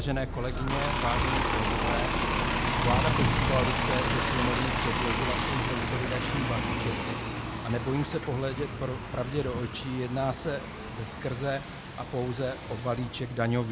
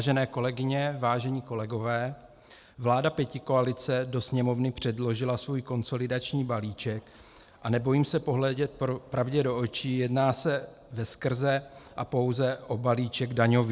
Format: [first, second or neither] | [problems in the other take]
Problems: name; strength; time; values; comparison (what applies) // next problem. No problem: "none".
second | background sound (Bus); 2 dB above the speech